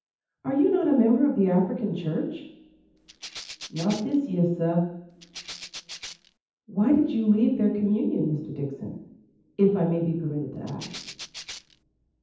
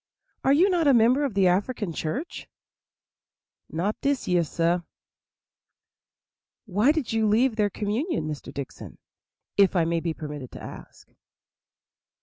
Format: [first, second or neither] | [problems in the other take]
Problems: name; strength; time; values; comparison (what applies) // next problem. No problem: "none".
second | background sound (Rattle (instrument)); 15 dB below the speech // room echo; dies away in 0.8 s